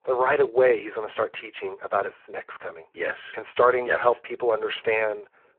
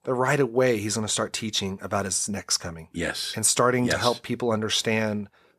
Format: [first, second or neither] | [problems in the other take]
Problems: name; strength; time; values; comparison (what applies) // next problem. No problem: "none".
second | phone-call audio; poor line